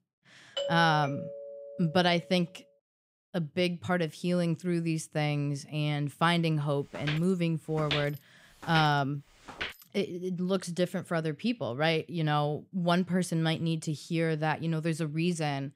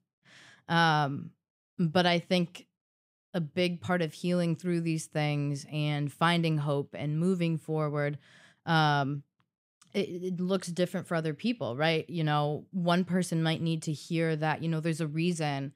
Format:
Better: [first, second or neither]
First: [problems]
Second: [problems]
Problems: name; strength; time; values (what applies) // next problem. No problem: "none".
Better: second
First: doorbell; noticeable; from 0.5 to 2 s; peak 4 dB below the speech // footsteps; noticeable; from 7 to 9.5 s; peak 4 dB below the speech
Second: none